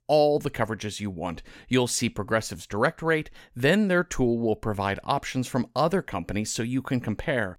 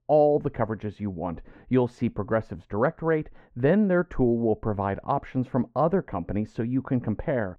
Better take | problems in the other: first | muffled; very; fading above 3 kHz

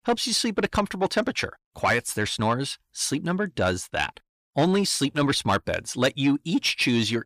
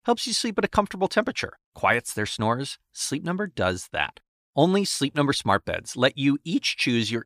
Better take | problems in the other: second | distortion; slight; 10 dB below the speech

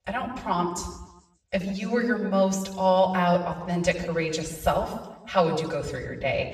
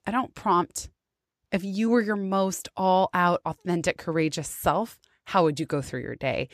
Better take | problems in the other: second | room echo; slight; dies away in 1 s // off-mic speech; far

